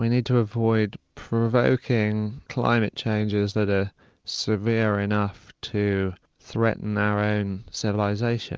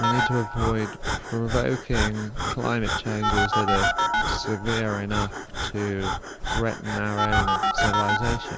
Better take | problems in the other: first | background sound (Breathing + Telephone); 2 dB above the speech

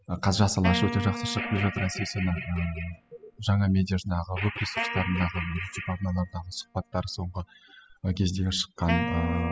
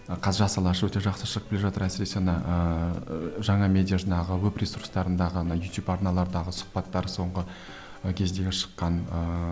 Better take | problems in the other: second | noise reduction (classical method spectral subtraction)

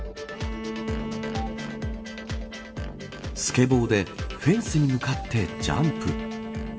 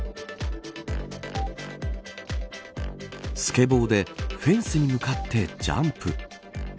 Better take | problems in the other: second | background sound (Bowed string instrument); 10 dB below the speech // room echo; dies away in 1.9 s

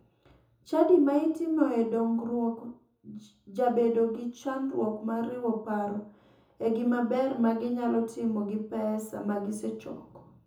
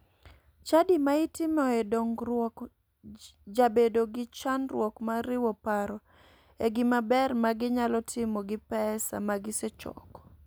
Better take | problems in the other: second | room echo; dies away in 0.6 s

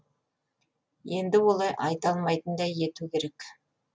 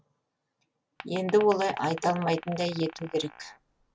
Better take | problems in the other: first | background sound (Glass); 15 dB below the speech

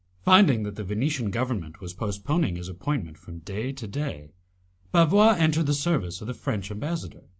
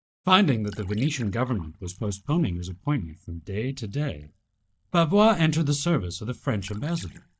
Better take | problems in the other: first | noise reduction (neural mask model DeepFilterNet 3)

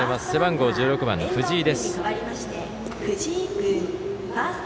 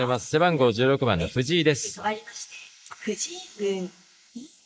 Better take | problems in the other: first | noise reduction (neural mask model Resemble Enhance denoiser)

